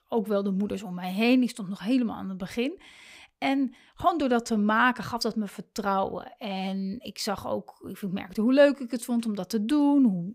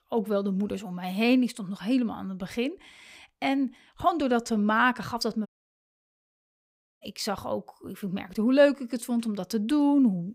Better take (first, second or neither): first